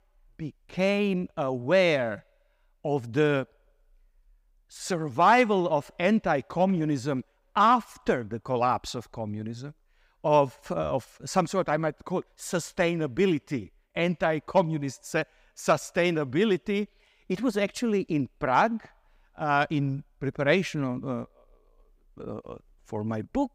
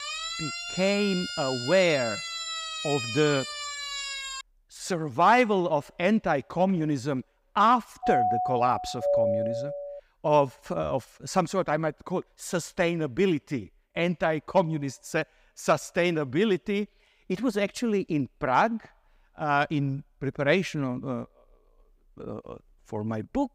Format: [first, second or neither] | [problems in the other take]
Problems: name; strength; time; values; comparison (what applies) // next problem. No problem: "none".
first | siren; noticeable; until 4.5 s; peak 4 dB below the speech // doorbell; loud; from 8 to 10 s; peak 2 dB above the speech